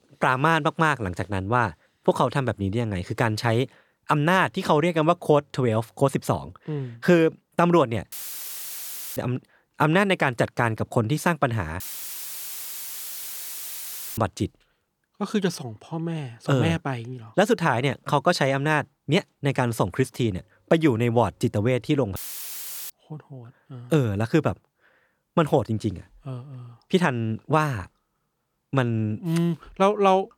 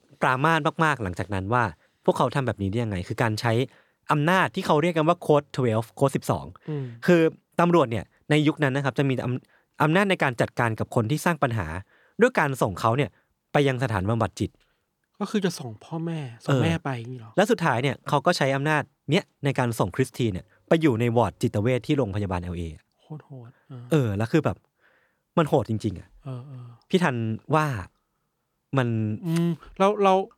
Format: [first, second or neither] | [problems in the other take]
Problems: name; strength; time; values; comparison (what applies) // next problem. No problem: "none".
second | audio cutting out; filled with static; at 8 s for 1 s, at 12 s for 2.5 s and at 22 s for 0.5 s